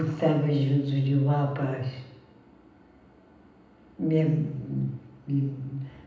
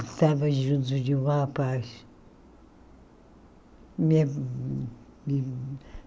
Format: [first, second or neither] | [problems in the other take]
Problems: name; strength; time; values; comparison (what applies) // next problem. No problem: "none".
second | room echo; dies away in 0.9 s